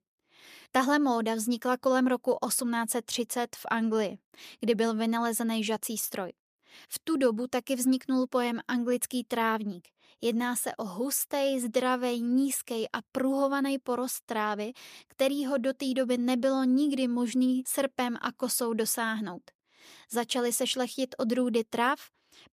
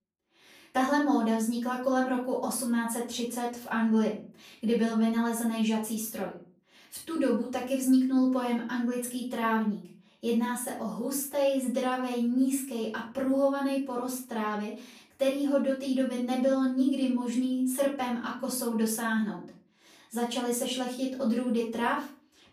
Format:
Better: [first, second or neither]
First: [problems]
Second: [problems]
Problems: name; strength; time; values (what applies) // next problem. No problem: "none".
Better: first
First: none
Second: off-mic speech; far // room echo; slight; dies away in 0.4 s